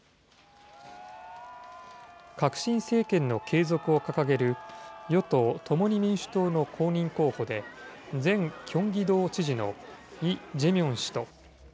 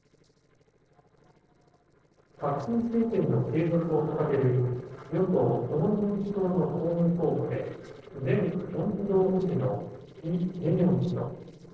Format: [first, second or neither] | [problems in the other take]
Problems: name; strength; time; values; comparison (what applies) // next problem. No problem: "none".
first | noise reduction (neural separator model SepFormer DNS4)